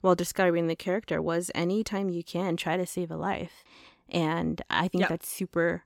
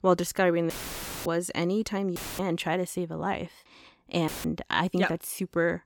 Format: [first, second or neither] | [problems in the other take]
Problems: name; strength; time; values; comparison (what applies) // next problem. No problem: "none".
first | audio cutting out; filled with static; at 0.5 s for 0.5 s, at 2 s and at 4.5 s